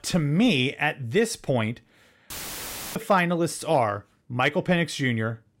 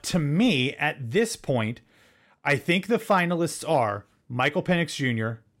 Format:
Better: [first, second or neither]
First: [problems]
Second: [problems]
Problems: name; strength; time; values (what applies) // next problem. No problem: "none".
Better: second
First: audio cutting out; filled with static; at 2.5 s for 0.5 s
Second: none